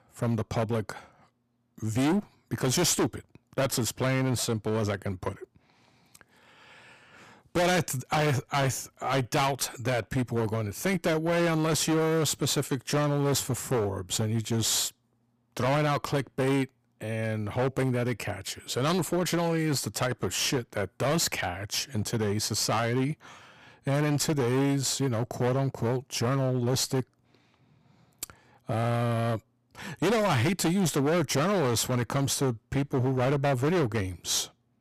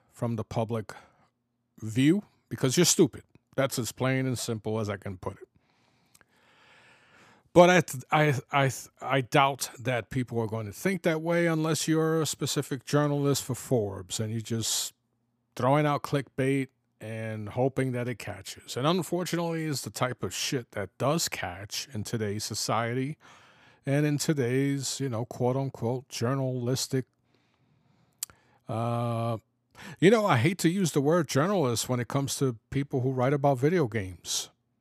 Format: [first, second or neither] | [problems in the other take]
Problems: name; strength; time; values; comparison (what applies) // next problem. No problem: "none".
second | distortion; heavy; 17% of the sound clipped